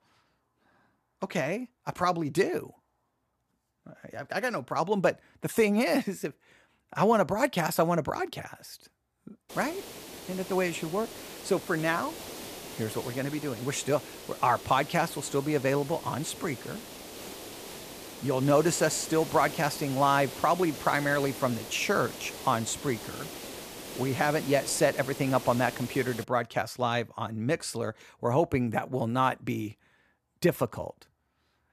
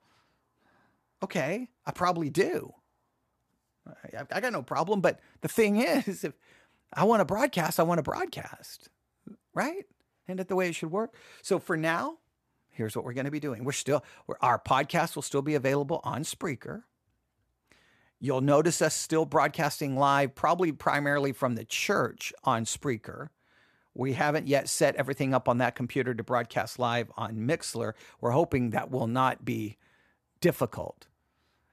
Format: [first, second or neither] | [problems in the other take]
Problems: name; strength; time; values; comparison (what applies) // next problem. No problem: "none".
second | hiss; noticeable; from 9.5 to 26 s; 10 dB below the speech